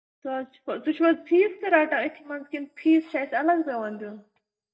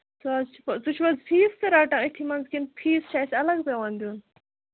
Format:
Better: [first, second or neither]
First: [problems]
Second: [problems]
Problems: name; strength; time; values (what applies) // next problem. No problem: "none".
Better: second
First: noise reduction (neural mask model DeepFilterNet 3)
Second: none